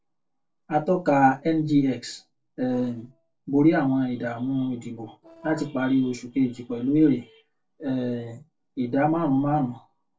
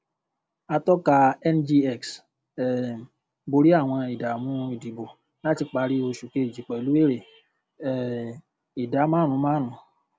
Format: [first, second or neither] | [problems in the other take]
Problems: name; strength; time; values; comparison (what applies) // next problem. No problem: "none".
second | noise reduction (neural separator model SepFormer DNS4)